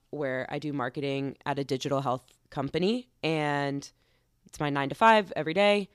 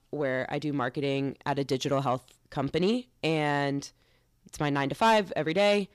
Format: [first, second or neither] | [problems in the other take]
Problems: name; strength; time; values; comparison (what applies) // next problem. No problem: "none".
first | distortion; slight; 10 dB below the speech